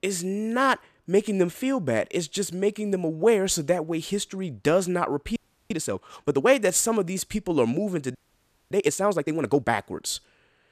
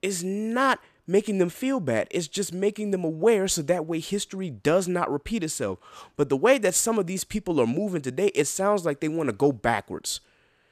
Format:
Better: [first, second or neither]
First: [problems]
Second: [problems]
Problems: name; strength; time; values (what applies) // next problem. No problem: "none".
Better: second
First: audio freezing; at 5.5 s and at 8 s for 0.5 s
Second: none